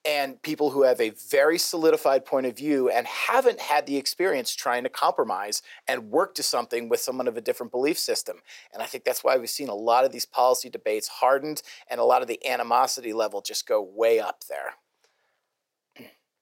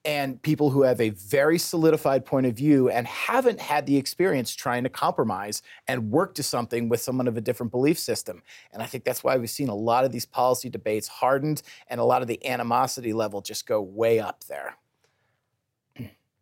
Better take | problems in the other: second | thin; somewhat; fading below 500 Hz

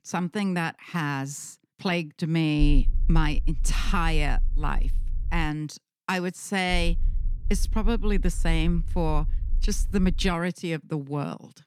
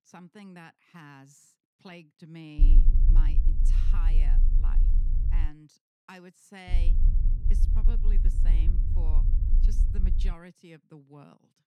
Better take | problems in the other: first | low rumble; loud; from 2.5 to 5.5 s and from 6.5 to 10 s; 1 dB below the speech; faint in the first

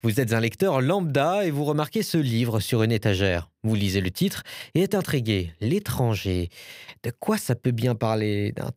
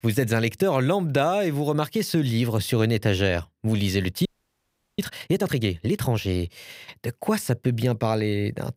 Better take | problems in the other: first | audio freezing; at 4.5 s for 0.5 s

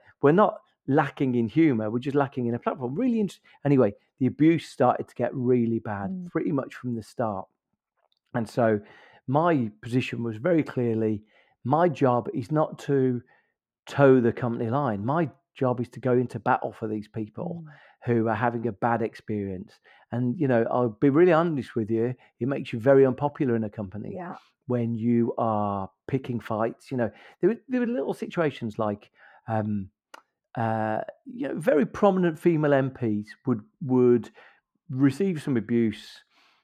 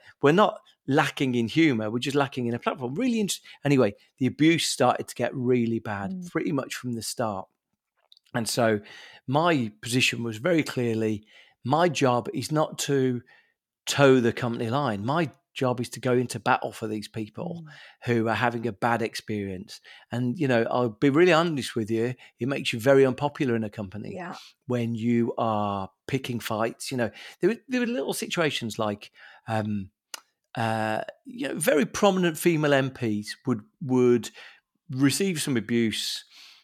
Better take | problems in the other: second | muffled; very; fading above 2.5 kHz

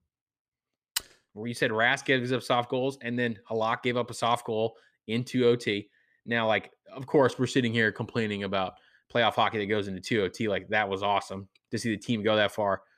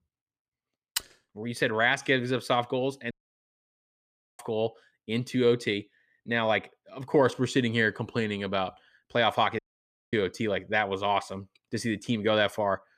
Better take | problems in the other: first | audio cutting out; at 3 s for 1.5 s and at 9.5 s for 0.5 s

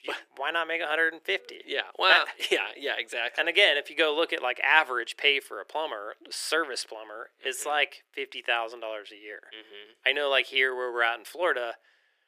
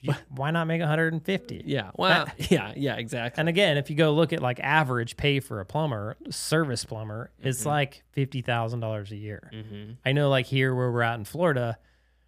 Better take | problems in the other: second | thin; very; fading below 350 Hz

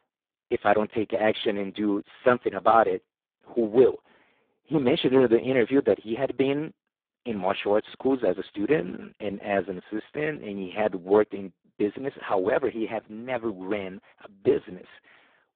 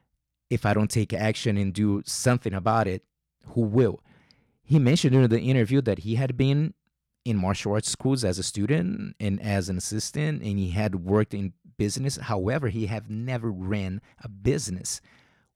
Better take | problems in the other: second | phone-call audio; poor line

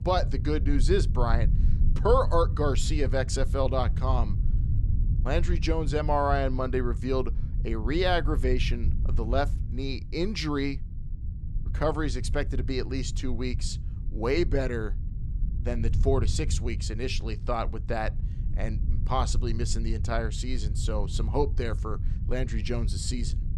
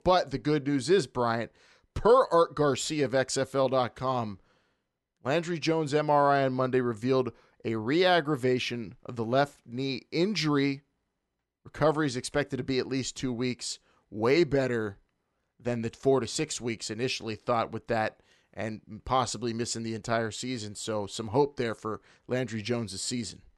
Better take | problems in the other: second | low rumble; noticeable; throughout; 15 dB below the speech

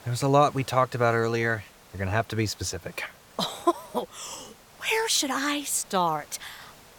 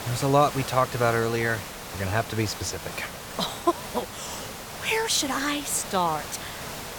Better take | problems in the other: first | hiss; loud; throughout; 9 dB below the speech; faint in the first

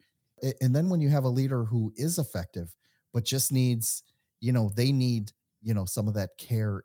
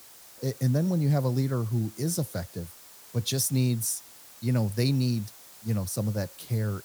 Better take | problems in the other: first | hiss; noticeable; throughout; 20 dB below the speech

